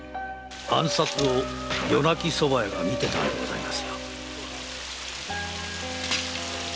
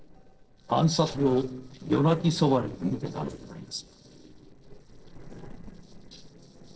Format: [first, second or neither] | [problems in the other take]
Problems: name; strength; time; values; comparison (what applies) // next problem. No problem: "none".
first | noise reduction (neural separator model SepFormer DNS4)